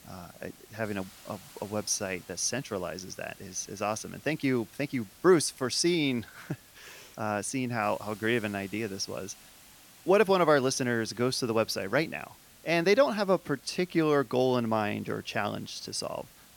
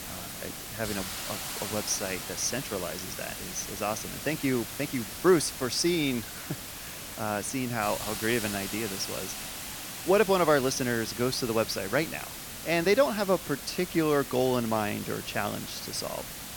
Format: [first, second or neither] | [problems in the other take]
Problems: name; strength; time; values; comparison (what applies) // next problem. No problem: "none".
first | hiss; loud; throughout; 7 dB below the speech; faint in the first